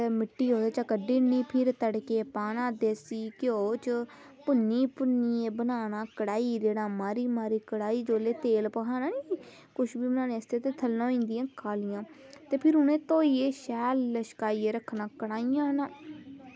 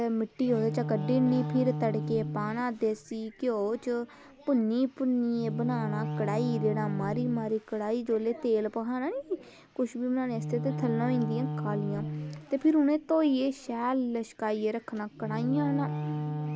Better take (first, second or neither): first